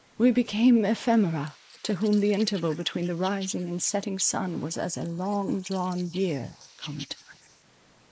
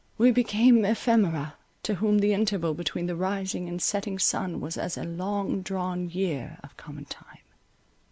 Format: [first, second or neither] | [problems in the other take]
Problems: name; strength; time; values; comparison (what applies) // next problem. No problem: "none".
second | noise reduction (neural mask model Resemble Enhance denoiser)